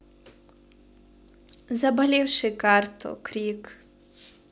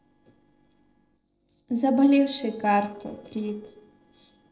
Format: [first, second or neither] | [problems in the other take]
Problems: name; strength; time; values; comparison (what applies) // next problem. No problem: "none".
first | noise reduction (neural separator model SepFormer DNS4)